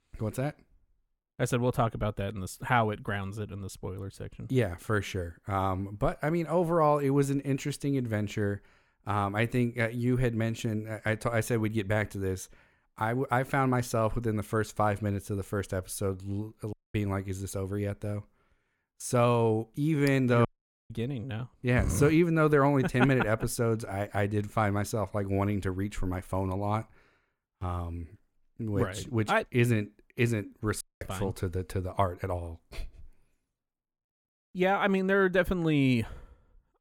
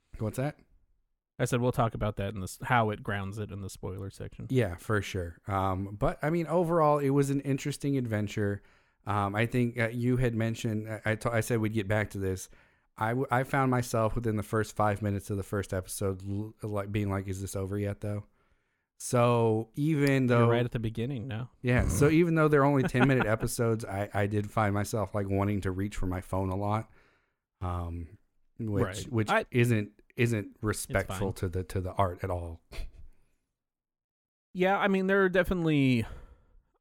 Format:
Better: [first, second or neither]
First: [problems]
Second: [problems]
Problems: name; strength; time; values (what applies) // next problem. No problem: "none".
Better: second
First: audio cutting out; at 17 s, at 20 s and at 31 s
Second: none